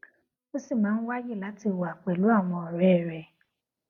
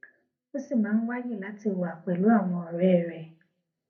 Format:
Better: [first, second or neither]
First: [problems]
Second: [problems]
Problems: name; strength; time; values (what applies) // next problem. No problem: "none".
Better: first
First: none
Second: room echo; dies away in 0.3 s